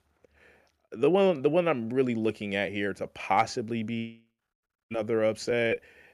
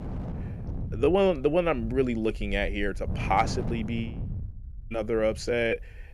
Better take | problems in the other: first | wind noise on the microphone; occasional gusts; 20 dB below the speech

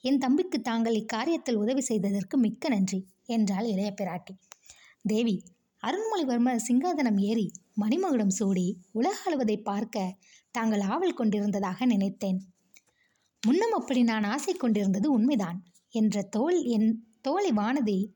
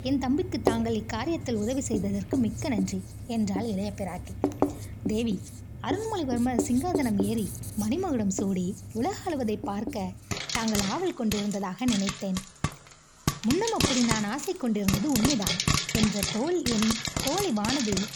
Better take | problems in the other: first | household noises; loud; throughout; 2 dB below the speech

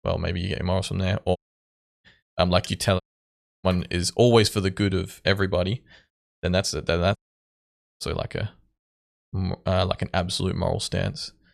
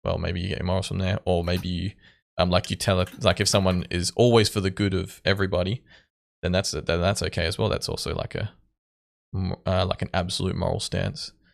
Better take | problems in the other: second | audio cutting out; at 1.5 s for 0.5 s, at 3 s for 0.5 s and at 7 s for 1 s

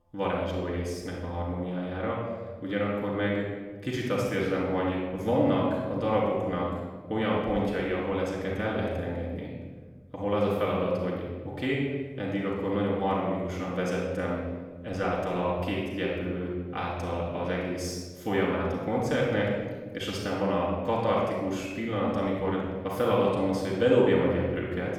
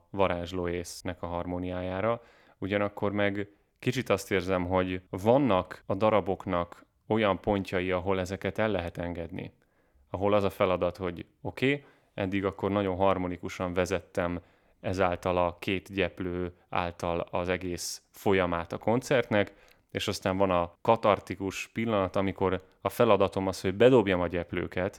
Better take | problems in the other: second | off-mic speech; far // room echo; noticeable; dies away in 1.3 s

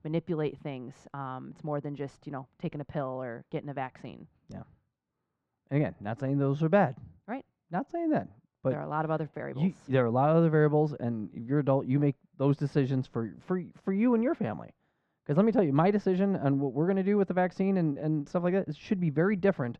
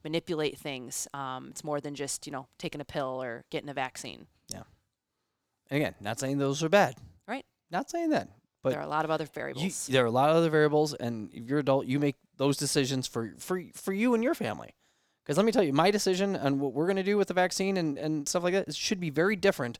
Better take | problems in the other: second | muffled; very; fading above 1.5 kHz

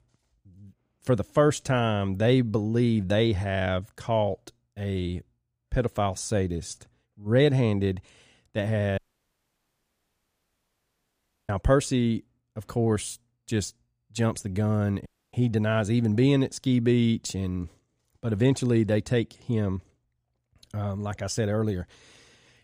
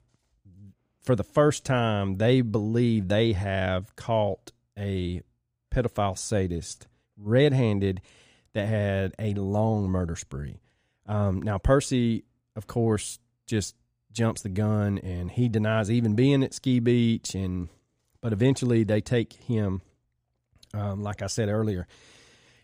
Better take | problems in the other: second | audio cutting out; at 9 s for 2.5 s and at 15 s

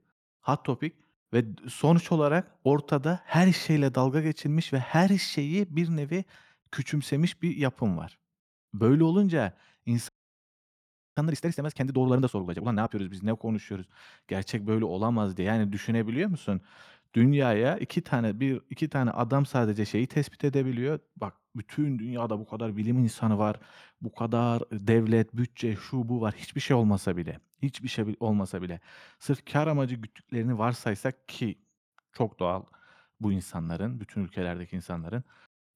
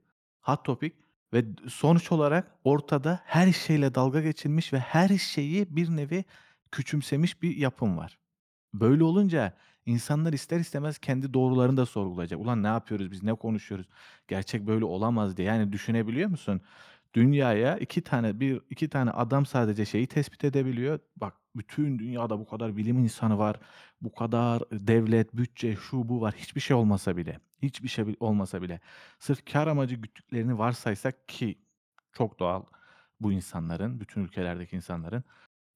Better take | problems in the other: second | audio freezing; at 10 s for 1 s

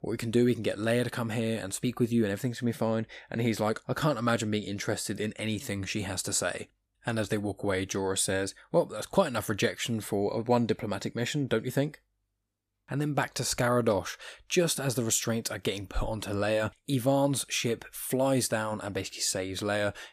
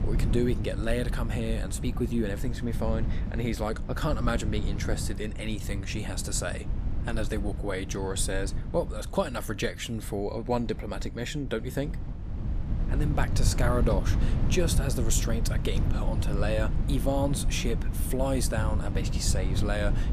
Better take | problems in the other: first | low rumble; noticeable; throughout; 10 dB below the speech

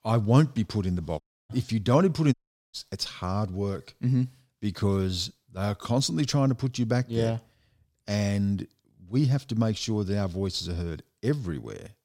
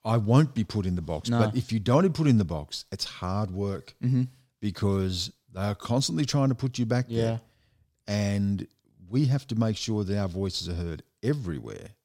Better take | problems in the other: second | audio cutting out; at 1 s and at 2.5 s

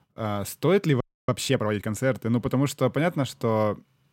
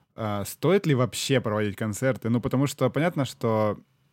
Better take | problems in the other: second | audio freezing; at 1 s

